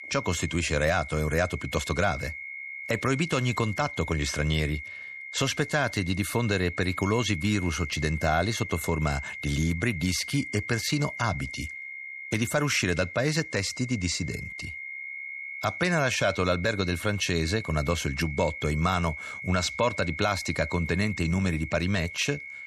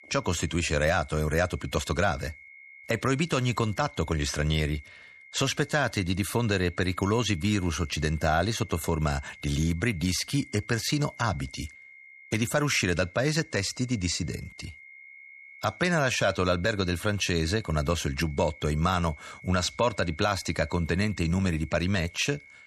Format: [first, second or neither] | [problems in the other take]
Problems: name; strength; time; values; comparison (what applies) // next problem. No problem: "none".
second | high-pitched whine; loud; throughout; 2 kHz, 9 dB below the speech; faint in the second